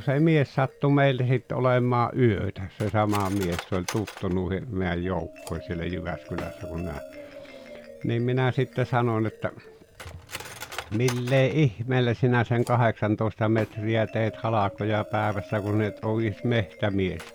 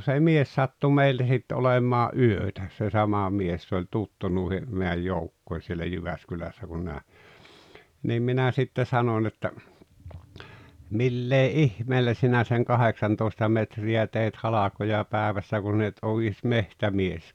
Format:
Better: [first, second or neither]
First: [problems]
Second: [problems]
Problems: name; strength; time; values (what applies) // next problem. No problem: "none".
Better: second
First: background sound (Marimba, xylophone + Cutlery, silverware); 17 dB below the speech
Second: none